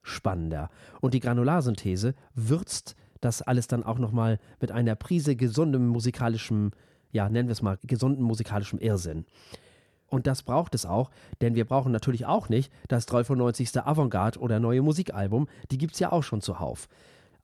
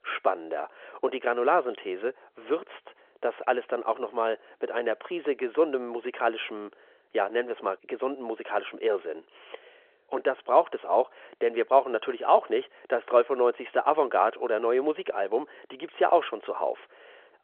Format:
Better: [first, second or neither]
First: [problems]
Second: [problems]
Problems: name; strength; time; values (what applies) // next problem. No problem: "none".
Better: first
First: none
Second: phone-call audio